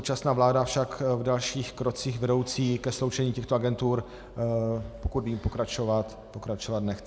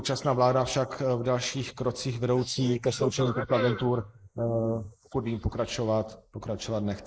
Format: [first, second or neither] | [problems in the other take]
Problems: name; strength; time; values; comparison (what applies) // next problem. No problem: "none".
first | noise reduction (neural mask model Resemble Enhance denoiser)